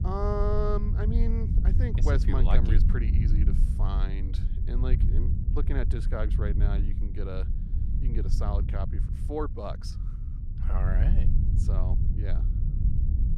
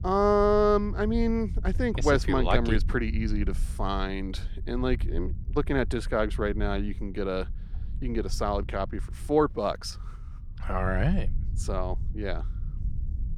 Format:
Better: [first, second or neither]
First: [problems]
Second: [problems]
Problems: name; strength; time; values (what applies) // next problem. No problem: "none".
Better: second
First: low rumble; loud; throughout; 7 dB below the speech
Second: low rumble; faint; throughout; 25 dB below the speech